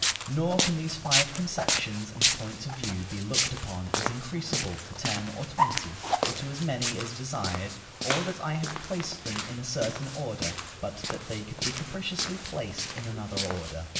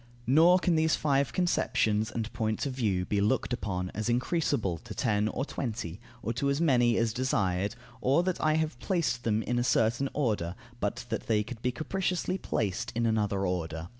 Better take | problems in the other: second | background sound (Walk, footsteps); 1 dB above the speech // room echo; dies away in 0.7 s

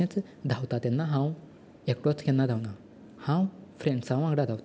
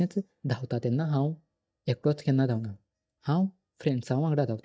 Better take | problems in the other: first | noise reduction (neural mask model DeepFilterNet 3)

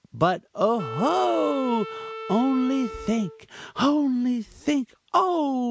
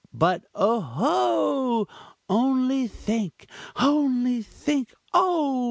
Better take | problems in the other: second | background sound (Wind instrument, woodwind instrument); 12 dB below the speech

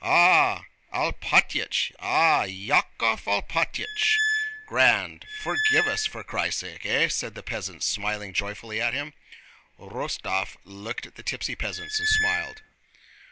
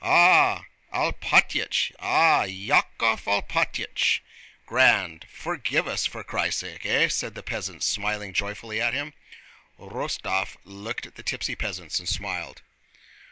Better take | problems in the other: second | background sound (Squeak); 1 dB below the speech

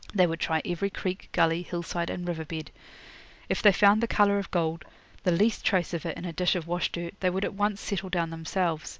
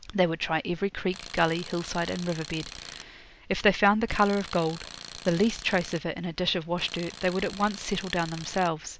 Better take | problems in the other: first | background sound (Tools); 14 dB below the speech

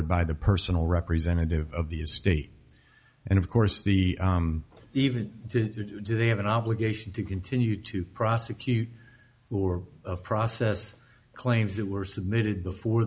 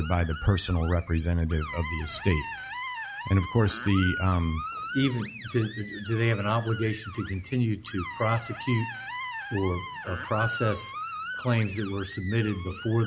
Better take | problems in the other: first | background sound (Screech); 10 dB below the speech

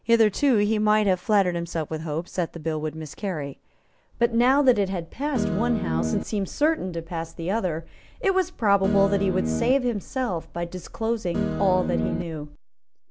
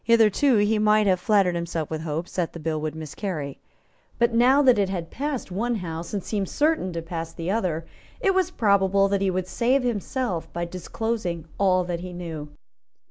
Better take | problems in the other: second | background sound (Guitar); 1 dB below the speech

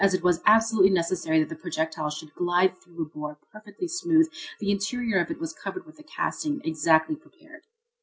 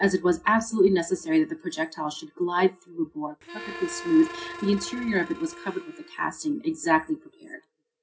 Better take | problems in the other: first | background sound (Harmonica); 14 dB below the speech // room echo; dies away in 0.3 s

